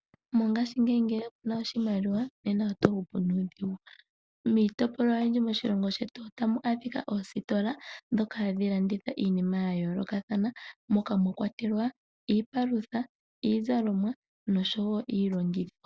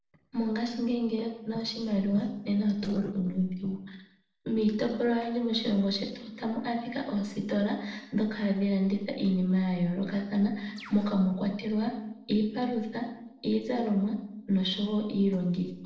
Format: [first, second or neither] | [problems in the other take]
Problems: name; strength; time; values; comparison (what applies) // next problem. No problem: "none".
first | noise reduction (neural separator model SepFormer DNS4)